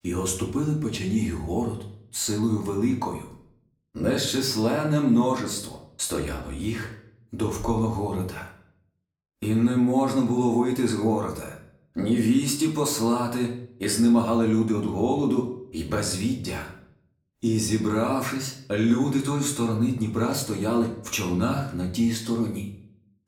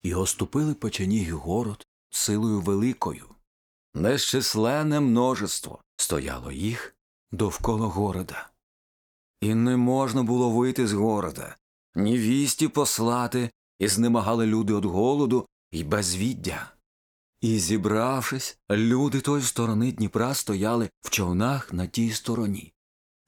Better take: second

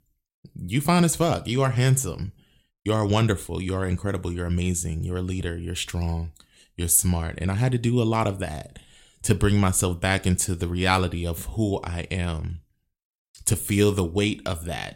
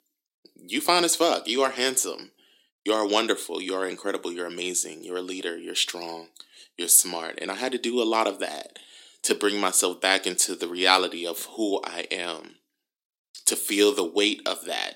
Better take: first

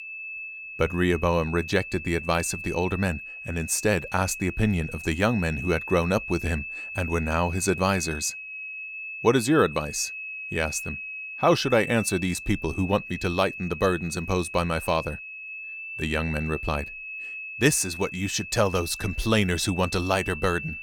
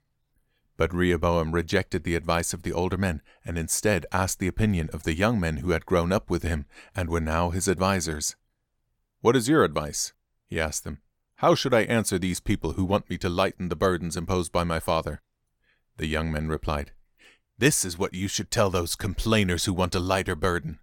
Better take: second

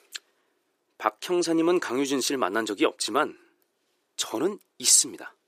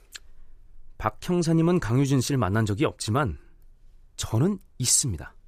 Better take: second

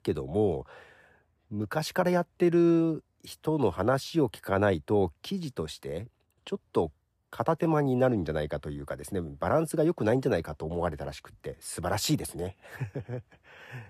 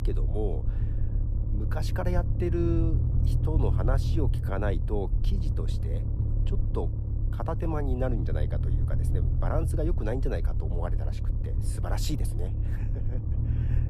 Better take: first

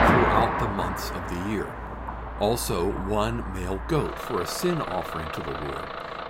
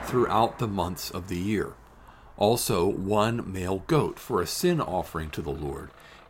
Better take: second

